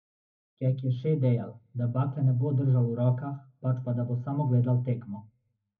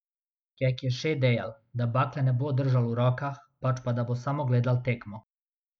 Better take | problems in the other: second | room echo; dies away in 0.3 s

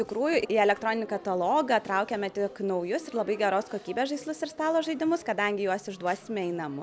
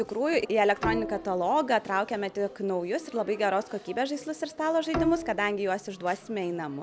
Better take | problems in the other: first | background sound (Bowed string instrument); 8 dB below the speech

